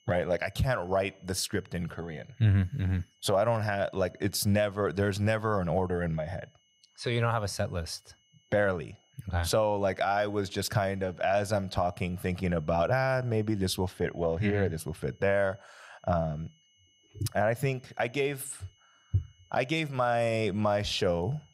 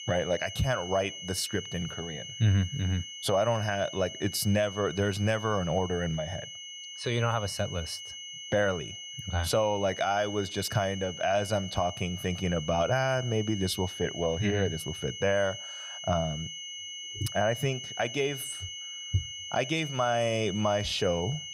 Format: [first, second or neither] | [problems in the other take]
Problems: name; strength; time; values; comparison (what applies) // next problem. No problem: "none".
first | high-pitched whine; loud; throughout; 3 kHz, 9 dB below the speech; faint in the first